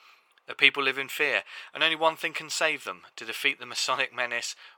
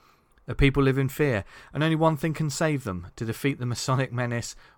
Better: second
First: thin; very; fading below 650 Hz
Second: none

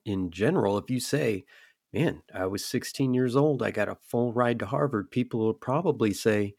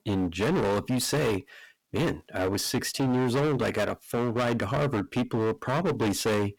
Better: first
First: none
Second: distortion; heavy; 25% of the sound clipped

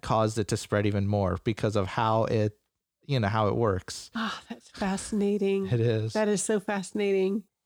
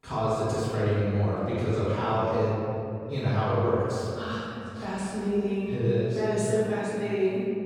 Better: first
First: none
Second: off-mic speech; far // room echo; strong; dies away in 2.5 s

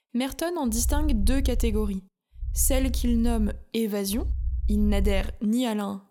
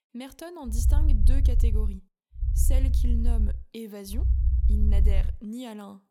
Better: first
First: low rumble; faint; from 1 to 2 s, from 2.5 to 3.5 s and from 4 to 5.5 s; 20 dB below the speech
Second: low rumble; loud; from 1 to 2 s, from 2.5 to 3.5 s and from 4 to 5.5 s; 5 dB below the speech

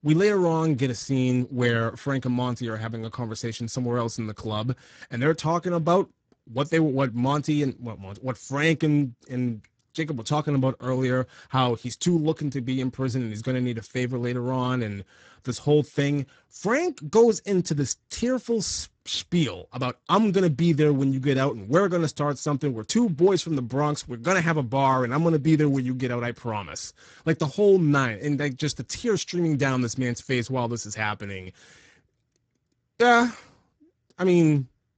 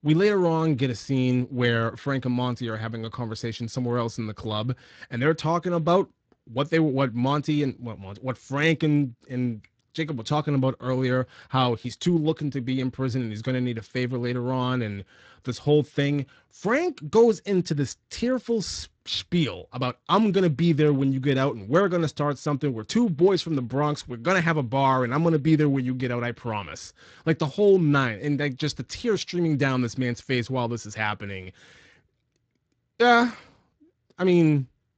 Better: second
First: garbled, watery; badly; nothing above 7.5 kHz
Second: garbled, watery; slightly; nothing above 8 kHz

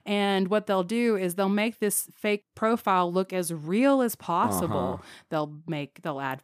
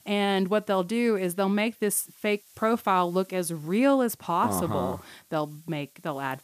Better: first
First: none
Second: hiss; faint; throughout; 30 dB below the speech

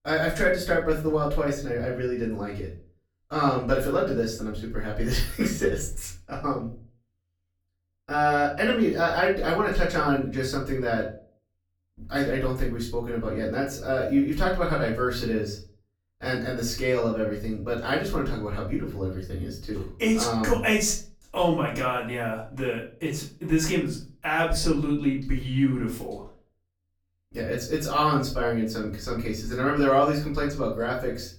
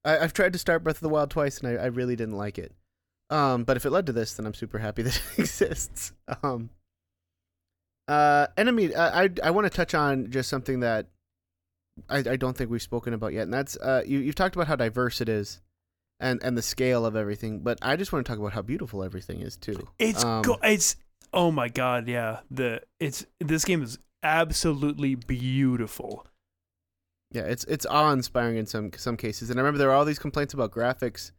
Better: second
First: off-mic speech; far // room echo; slight; dies away in 0.3 s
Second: none

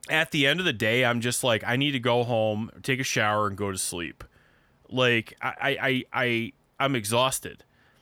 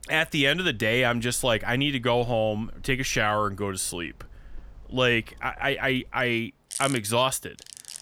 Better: first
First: none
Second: machinery noise; noticeable; throughout; 20 dB below the speech

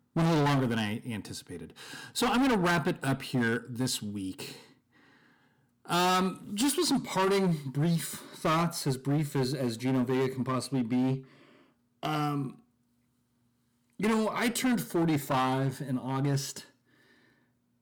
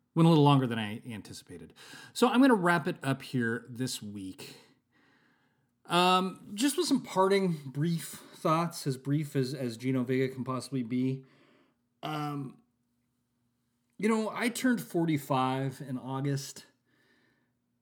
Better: second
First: distortion; heavy; 12% of the sound clipped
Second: none

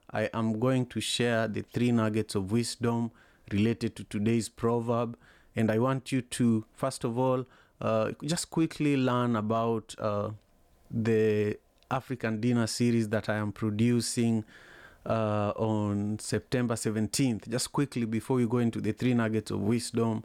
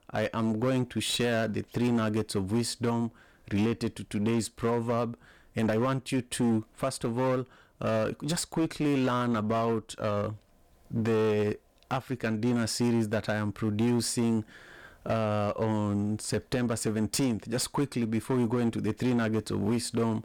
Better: first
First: none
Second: distortion; slight; 15% of the sound clipped

